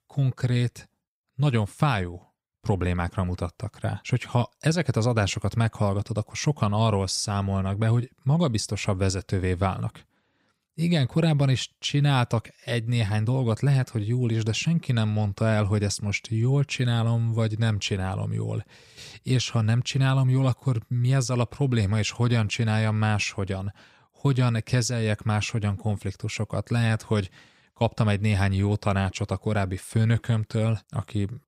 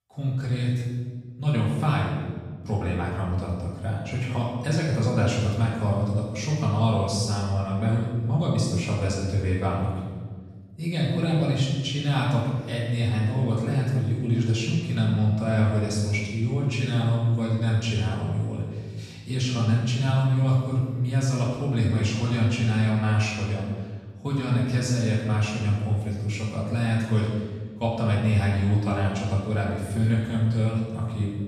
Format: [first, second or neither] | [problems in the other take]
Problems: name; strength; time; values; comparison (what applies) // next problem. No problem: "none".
first | off-mic speech; far // room echo; noticeable; dies away in 1.3 s